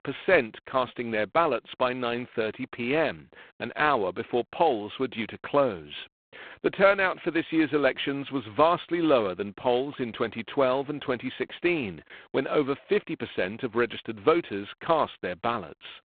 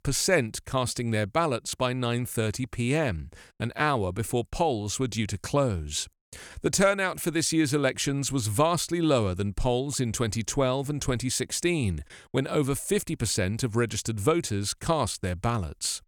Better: second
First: phone-call audio; poor line; nothing above 4 kHz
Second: none

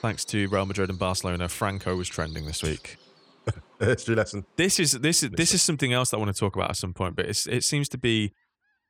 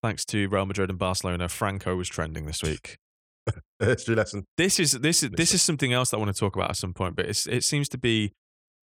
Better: second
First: animal sounds; faint; throughout; 25 dB below the speech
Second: none

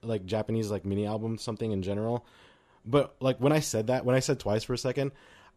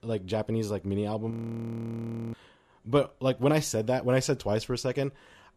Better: first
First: none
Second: audio freezing; at 1.5 s for 1 s

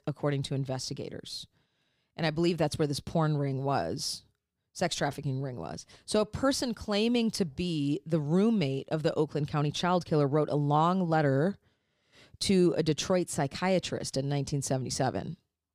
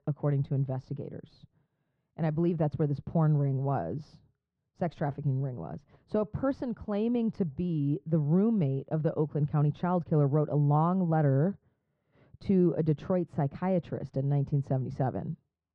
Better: first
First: none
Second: muffled; very; fading above 1 kHz

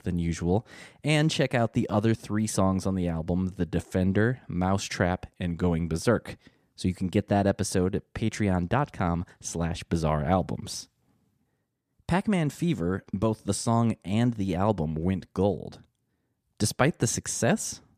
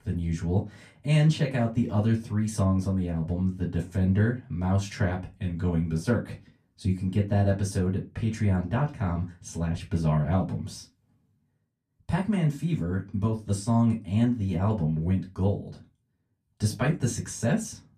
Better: first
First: none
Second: off-mic speech; far // room echo; very slight; dies away in 0.2 s

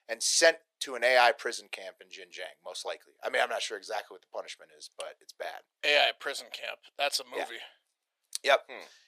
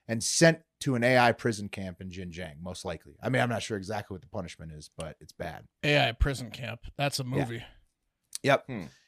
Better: second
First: thin; very; fading below 450 Hz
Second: none

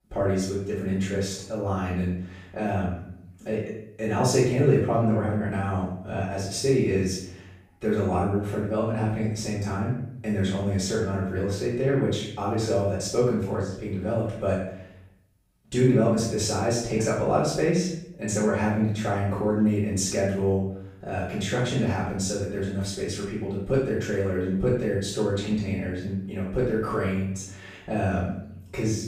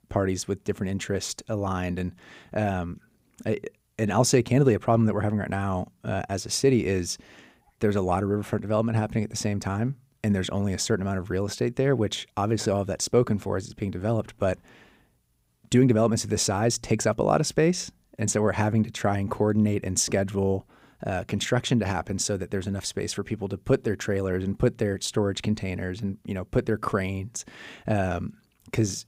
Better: second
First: off-mic speech; far // room echo; noticeable; dies away in 0.6 s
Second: none

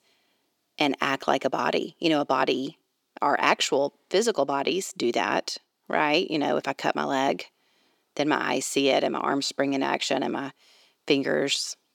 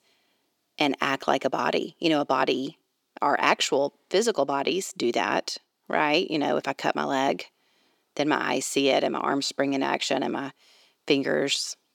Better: neither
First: thin; somewhat; fading below 400 Hz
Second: thin; somewhat; fading below 400 Hz

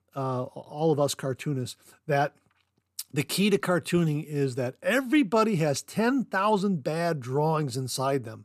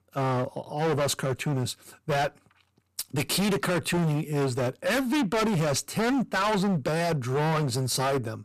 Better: first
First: none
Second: distortion; heavy; 26% of the sound clipped

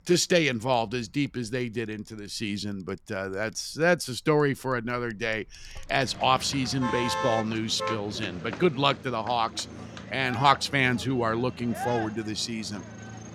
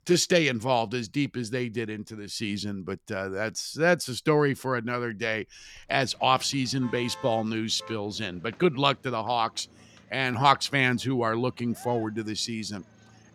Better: second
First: traffic noise; loud; throughout; 10 dB below the speech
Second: traffic noise; faint; throughout; 25 dB below the speech

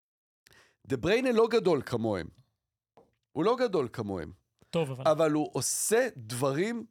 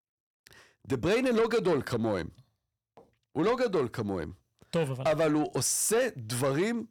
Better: first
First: none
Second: distortion; slight; 10 dB below the speech

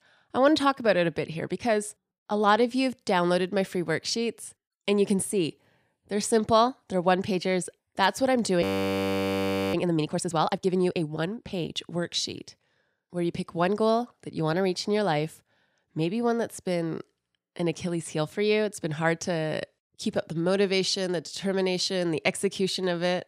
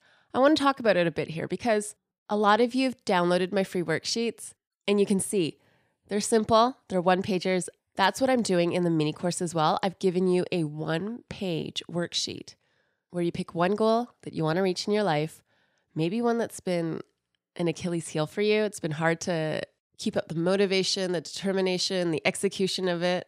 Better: second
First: audio freezing; at 8.5 s for 1 s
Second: none

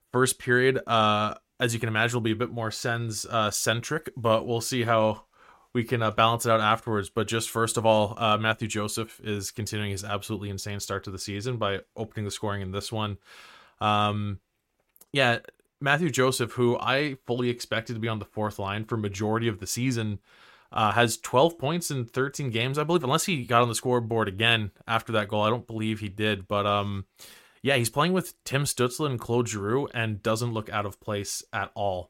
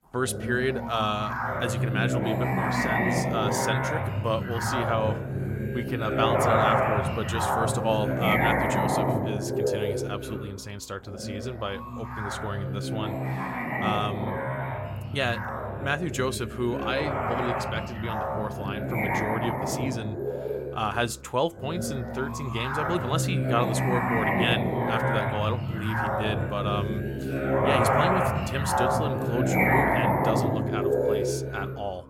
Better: first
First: none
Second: background music; very loud; throughout; 3 dB above the speech

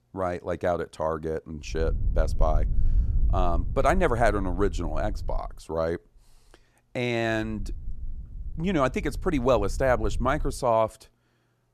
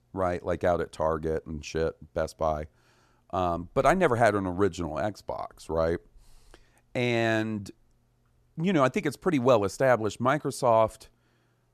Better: second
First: low rumble; faint; from 2 to 5.5 s and from 7.5 to 11 s; 25 dB below the speech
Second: none

